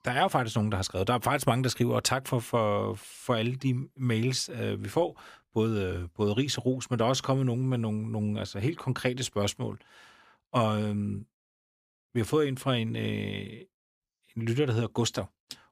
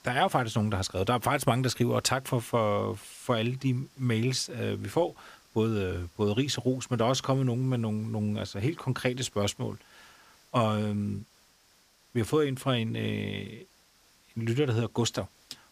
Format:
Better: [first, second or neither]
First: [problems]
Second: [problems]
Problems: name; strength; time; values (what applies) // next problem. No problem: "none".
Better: first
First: none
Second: hiss; faint; throughout; 30 dB below the speech